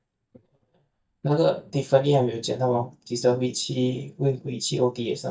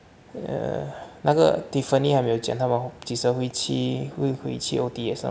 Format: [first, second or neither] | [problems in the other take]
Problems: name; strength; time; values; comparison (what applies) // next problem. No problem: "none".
second | noise reduction (neural mask model DeepFilterNet 3)